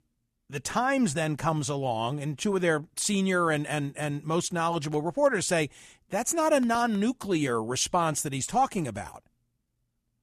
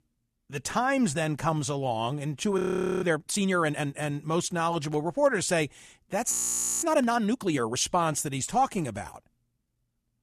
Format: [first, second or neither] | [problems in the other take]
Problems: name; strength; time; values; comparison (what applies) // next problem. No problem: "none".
first | audio freezing; at 2.5 s and at 6.5 s for 0.5 s